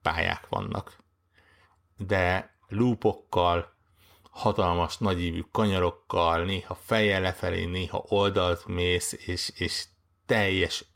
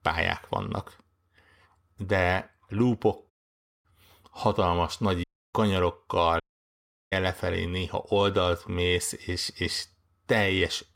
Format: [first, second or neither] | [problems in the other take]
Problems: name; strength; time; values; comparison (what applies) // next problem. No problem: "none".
first | audio cutting out; at 3.5 s for 0.5 s, at 5 s and at 6.5 s for 0.5 s